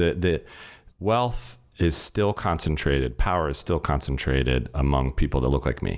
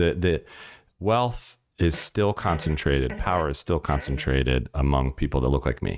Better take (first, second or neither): first